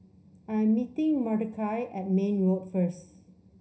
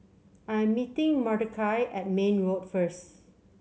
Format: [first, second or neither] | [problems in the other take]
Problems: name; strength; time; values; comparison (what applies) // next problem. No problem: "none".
second | room echo; dies away in 0.4 s